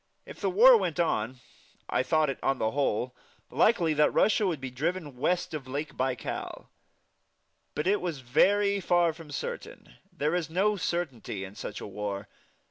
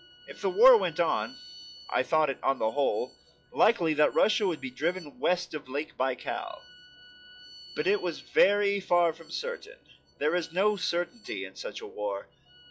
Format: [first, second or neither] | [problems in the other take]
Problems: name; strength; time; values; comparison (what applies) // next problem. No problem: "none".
first | noise reduction (classical method log-MMSE)